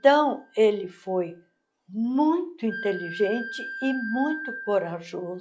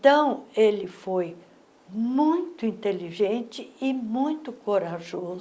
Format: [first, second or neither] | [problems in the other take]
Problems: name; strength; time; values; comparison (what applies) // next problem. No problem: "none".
second | noise reduction (classical method log-MMSE)